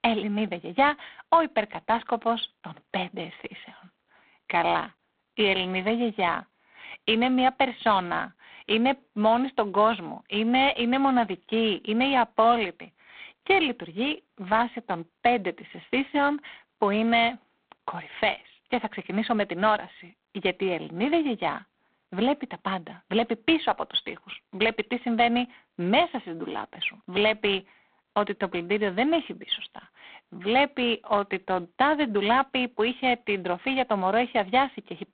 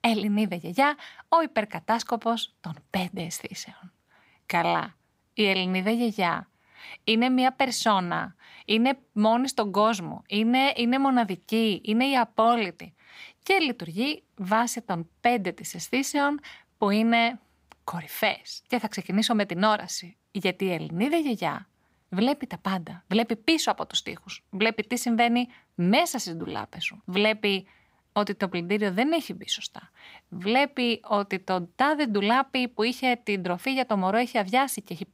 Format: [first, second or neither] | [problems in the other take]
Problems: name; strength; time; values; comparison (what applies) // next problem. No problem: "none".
second | phone-call audio; poor line